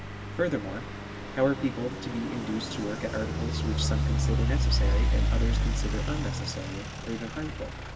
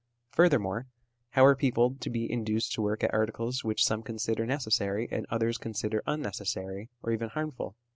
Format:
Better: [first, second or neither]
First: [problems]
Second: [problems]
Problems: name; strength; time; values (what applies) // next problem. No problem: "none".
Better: second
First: background sound (Idling / Truck); 5 dB above the speech // room echo; dies away in 2.1 s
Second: none